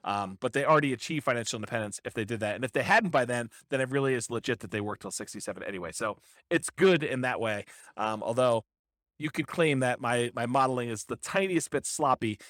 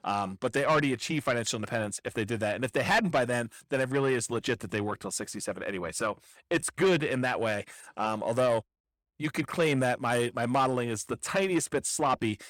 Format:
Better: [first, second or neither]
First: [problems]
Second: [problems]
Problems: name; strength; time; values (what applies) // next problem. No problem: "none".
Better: first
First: none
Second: distortion; slight; 10 dB below the speech